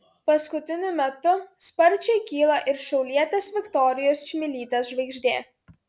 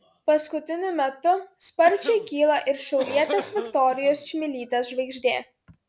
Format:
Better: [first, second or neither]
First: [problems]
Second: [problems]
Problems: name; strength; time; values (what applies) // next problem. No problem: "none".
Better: first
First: none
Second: background sound (Cough); 13 dB below the speech